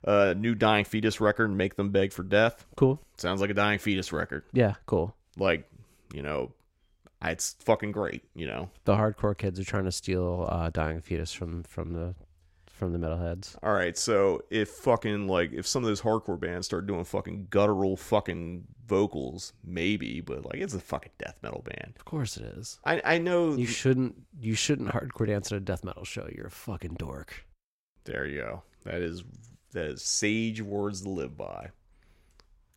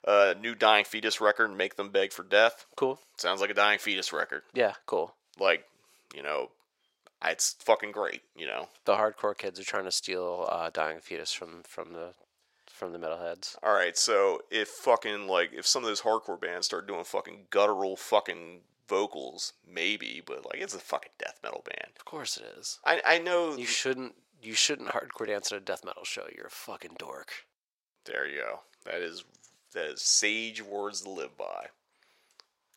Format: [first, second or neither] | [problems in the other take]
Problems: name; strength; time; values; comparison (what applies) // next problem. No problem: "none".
first | thin; very; fading below 650 Hz